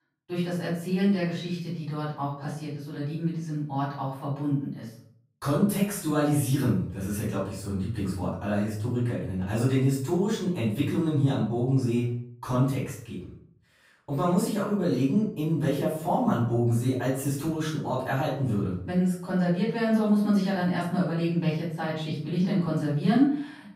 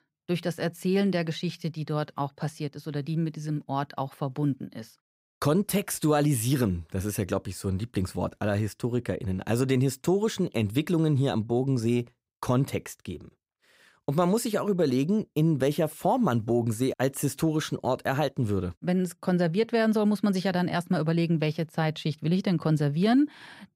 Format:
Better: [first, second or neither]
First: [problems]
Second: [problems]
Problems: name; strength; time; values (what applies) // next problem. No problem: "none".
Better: second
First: off-mic speech; far // room echo; noticeable; dies away in 0.5 s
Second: none